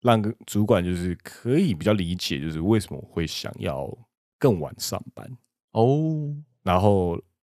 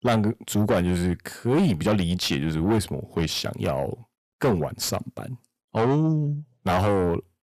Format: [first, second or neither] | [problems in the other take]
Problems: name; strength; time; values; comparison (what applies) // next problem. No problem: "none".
first | distortion; heavy; 6 dB below the speech